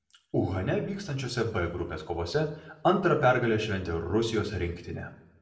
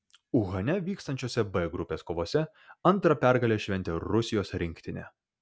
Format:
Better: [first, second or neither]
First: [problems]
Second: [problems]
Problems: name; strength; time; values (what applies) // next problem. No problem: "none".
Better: second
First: room echo; dies away in 0.6 s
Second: none